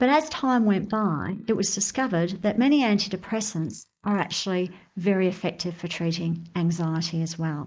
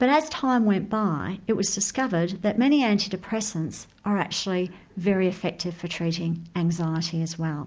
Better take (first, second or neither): second